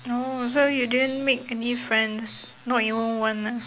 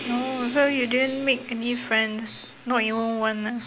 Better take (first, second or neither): first